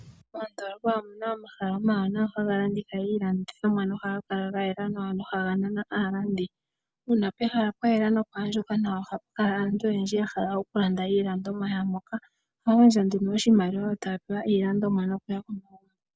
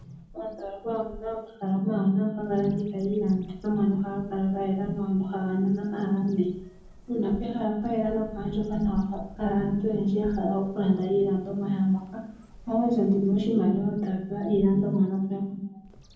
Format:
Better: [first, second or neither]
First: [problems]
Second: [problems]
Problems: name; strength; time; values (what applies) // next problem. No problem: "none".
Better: first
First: none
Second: background sound (Bird vocalization, bird call, bird song); 20 dB below the speech // room echo; dies away in 0.7 s